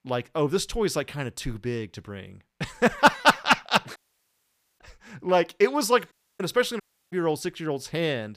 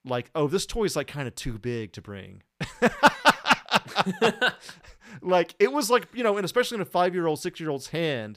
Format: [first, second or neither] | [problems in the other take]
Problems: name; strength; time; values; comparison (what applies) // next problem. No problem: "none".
second | audio cutting out; at 4 s for 1 s, at 6 s and at 7 s